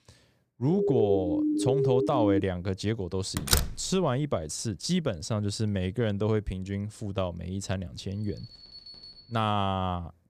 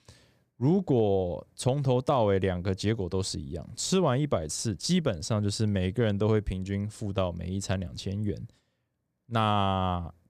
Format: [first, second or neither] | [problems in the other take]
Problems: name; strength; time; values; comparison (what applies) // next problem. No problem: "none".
second | siren; loud; from 0.5 to 2.5 s; peak 3 dB above the speech // door banging; loud; at 3.5 s; peak 4 dB above the speech // alarm; faint; from 8 to 9.5 s; peak 15 dB below the speech